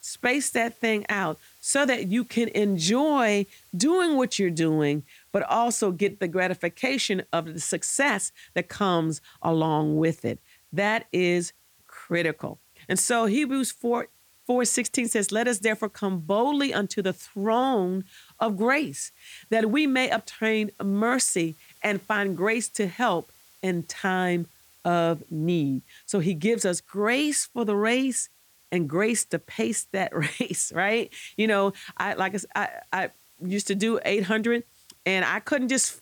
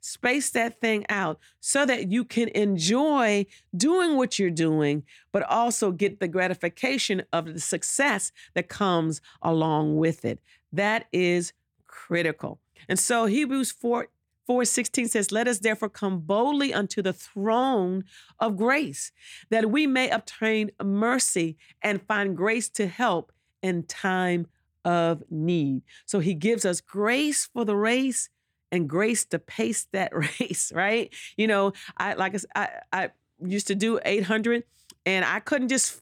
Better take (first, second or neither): second